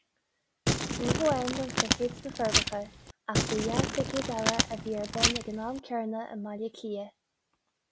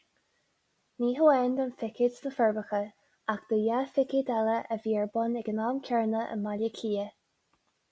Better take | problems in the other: second | background sound (Crumpling, crinkling); 4 dB above the speech

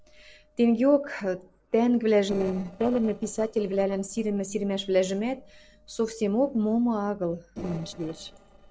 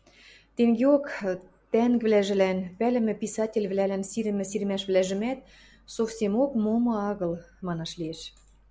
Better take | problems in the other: second | noise reduction (neural separator model SepFormer DNS4)

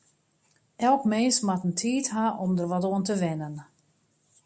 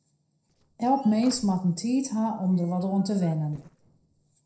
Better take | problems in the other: first | noise reduction (neural separator model SepFormer DNS4)

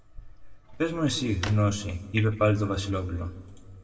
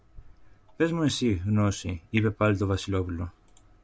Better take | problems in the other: second | background sound (Drawer open or close); 18 dB below the speech // room echo; dies away in 0.9 s

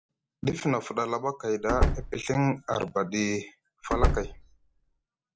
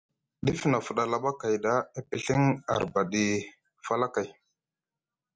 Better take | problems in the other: second | background sound (Slam); 1 dB above the speech

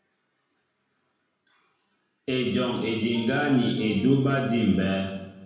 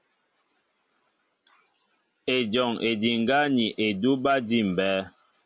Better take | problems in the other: second | background sound (Wind instrument, woodwind instrument); 19 dB below the speech // room echo; dies away in 1 s

